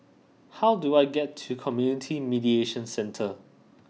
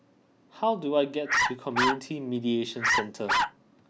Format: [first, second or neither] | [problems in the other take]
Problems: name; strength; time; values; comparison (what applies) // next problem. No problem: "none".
first | background sound (Bark); 3 dB above the speech